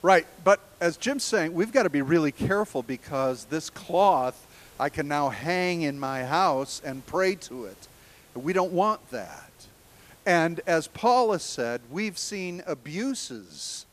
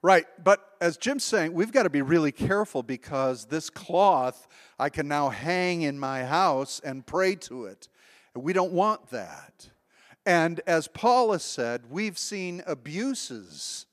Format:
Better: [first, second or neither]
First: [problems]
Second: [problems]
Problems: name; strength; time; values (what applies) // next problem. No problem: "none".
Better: second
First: hiss; faint; throughout; 25 dB below the speech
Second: none